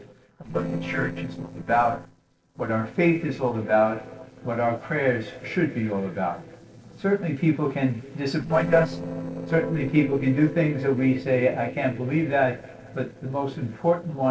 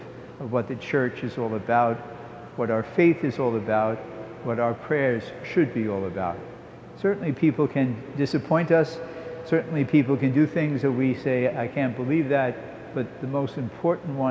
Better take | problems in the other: second | noise reduction (neural separator model SepFormer DNS4)

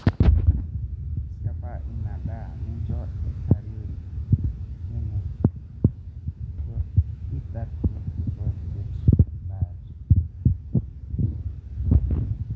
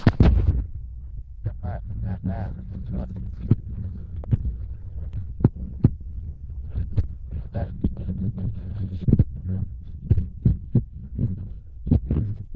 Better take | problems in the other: first | noise reduction (neural diffusion model UNIVERSE++)

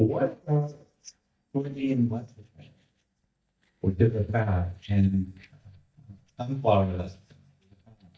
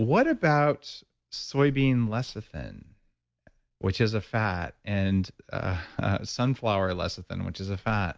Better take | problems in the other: second | noise reduction (neural mask model DeepFilterNet 3)

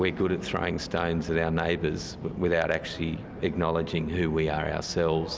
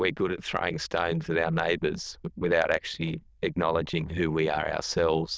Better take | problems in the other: first | noise reduction (neural diffusion model UNIVERSE++)

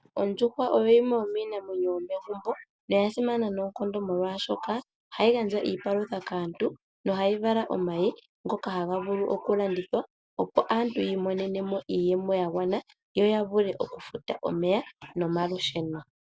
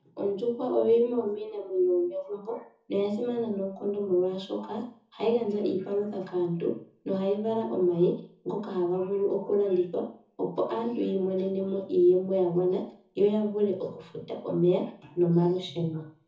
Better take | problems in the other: first | room echo; dies away in 0.5 s

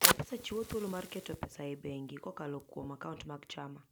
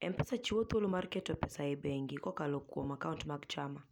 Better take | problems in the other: second | background sound (Fire); 3 dB above the speech

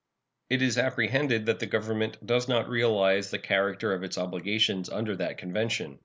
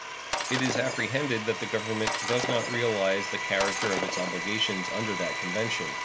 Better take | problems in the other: first | background sound (Domestic sounds, home sounds + Shatter); 2 dB below the speech

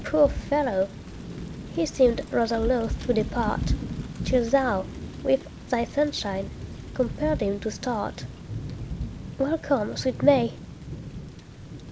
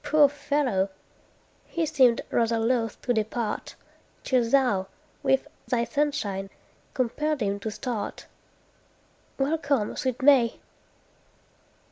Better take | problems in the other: second | background sound (Thunder / Rain); 7 dB below the speech

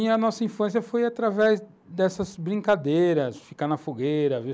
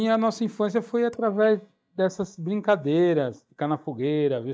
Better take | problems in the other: first | noise reduction (neural mask model DeepFilterNet 3)

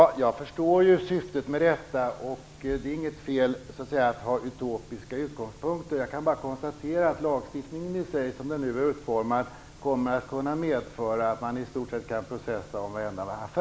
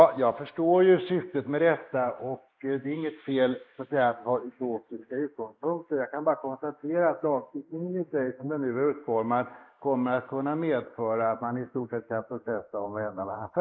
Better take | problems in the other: first | noise reduction (neural mask model Resemble Enhance denoiser)

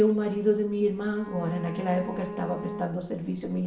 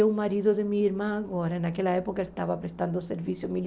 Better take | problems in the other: second | background sound (Bowed string instrument); 11 dB below the speech // room echo; dies away in 0.8 s

